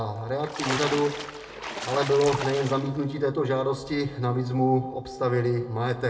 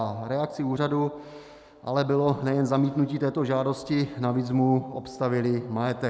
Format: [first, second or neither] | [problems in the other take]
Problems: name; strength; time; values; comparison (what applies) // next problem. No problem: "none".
second | background sound (Splash, splatter); 9 dB below the speech // room echo; dies away in 0.6 s